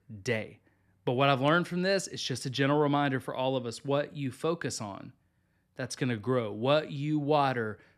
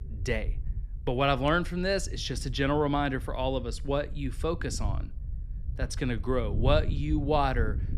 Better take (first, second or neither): first